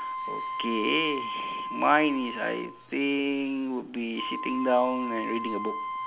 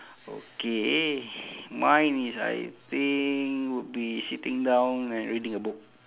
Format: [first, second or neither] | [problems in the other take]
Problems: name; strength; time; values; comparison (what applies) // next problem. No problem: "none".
second | background sound (Wind instrument, woodwind instrument); 7 dB below the speech